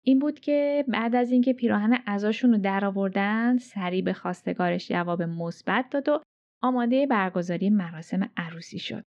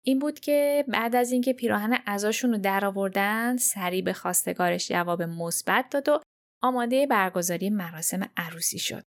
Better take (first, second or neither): second